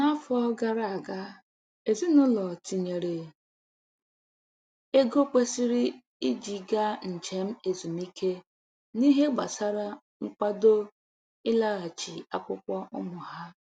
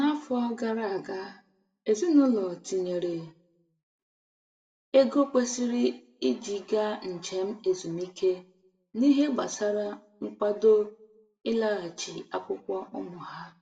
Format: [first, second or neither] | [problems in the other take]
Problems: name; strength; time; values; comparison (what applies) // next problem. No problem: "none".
first | room echo; dies away in 0.4 s